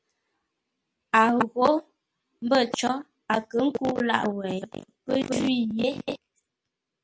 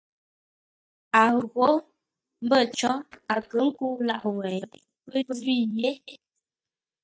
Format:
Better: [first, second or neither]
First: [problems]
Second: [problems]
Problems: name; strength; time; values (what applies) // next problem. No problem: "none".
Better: first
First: none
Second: noise reduction (neural mask model DeepFilterNet 3)